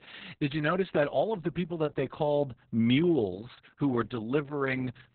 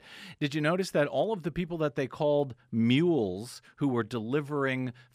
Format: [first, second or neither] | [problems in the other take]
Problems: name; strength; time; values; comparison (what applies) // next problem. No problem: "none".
second | garbled, watery; badly; nothing above 3.5 kHz